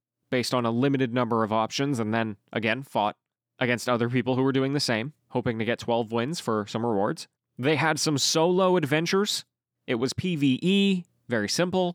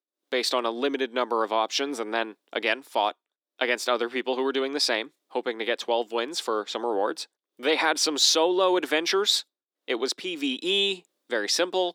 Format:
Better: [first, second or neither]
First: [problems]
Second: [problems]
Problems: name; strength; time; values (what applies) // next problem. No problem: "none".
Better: first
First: none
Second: thin; somewhat; fading below 300 Hz